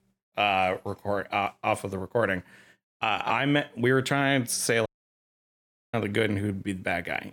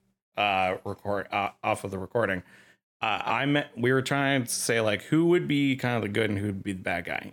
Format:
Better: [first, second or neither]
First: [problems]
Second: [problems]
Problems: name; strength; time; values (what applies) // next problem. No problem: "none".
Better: second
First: audio cutting out; at 5 s for 1 s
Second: none